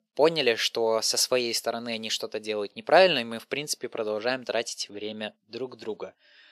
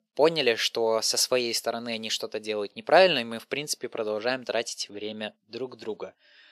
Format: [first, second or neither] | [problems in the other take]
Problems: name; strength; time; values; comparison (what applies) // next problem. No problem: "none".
neither | thin; somewhat; fading below 500 Hz; the same in both